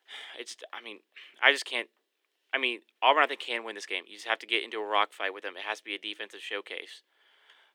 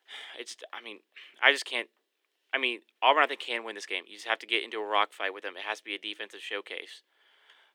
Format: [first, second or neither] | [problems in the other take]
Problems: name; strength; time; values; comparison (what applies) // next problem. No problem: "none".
neither | thin; somewhat; fading below 300 Hz; the same in both